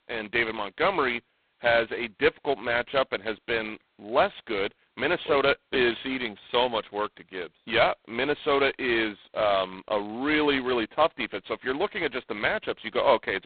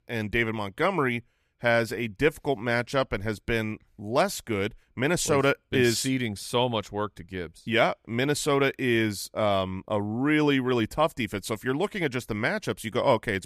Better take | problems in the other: second | phone-call audio; poor line; nothing above 4 kHz

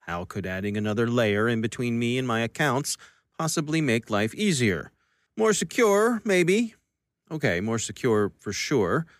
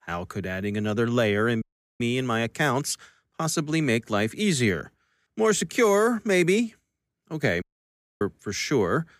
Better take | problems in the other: first | audio cutting out; at 1.5 s and at 7.5 s for 0.5 s

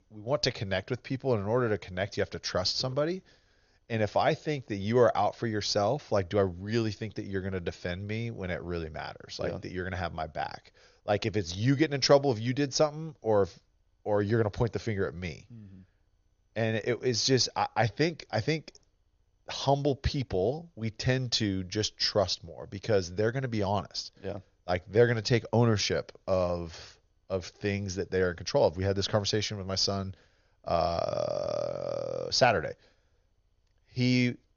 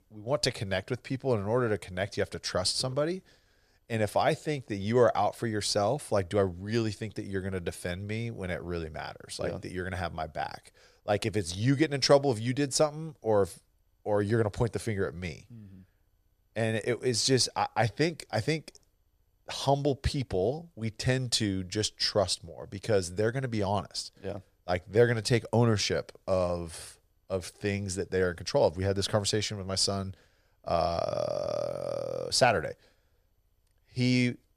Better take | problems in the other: second | garbled, watery; slightly; nothing above 6.5 kHz

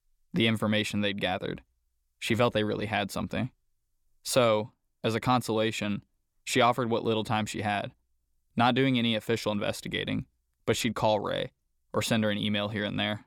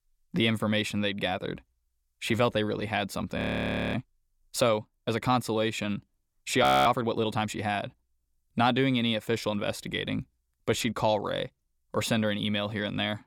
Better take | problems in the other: first | audio freezing; at 3.5 s for 0.5 s and at 6.5 s

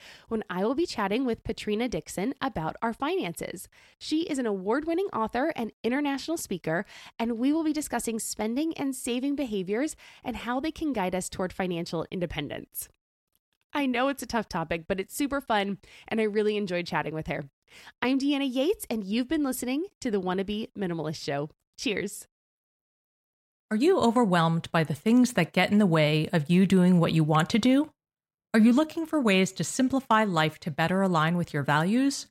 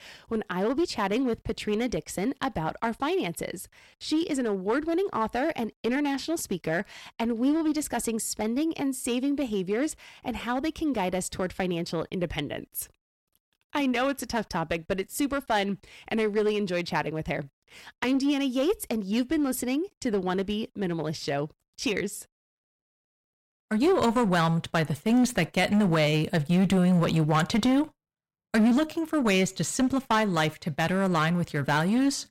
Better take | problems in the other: first | distortion; slight; 6% of the sound clipped

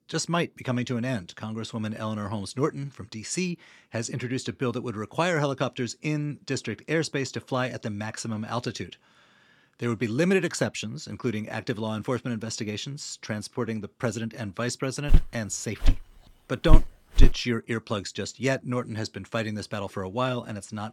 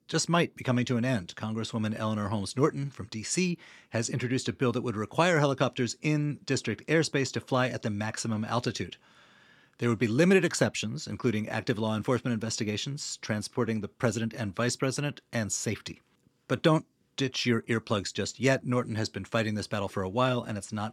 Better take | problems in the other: second | footsteps; loud; from 15 to 17 s; peak 5 dB above the speech

